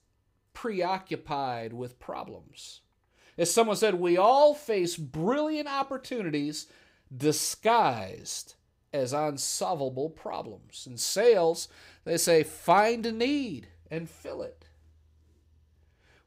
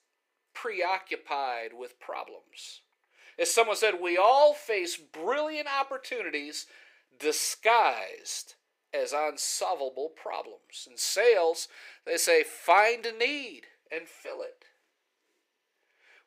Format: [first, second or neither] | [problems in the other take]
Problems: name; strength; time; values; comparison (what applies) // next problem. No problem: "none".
first | thin; very; fading below 400 Hz